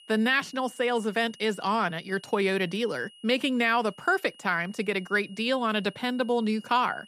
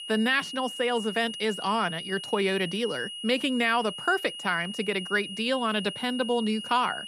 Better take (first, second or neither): first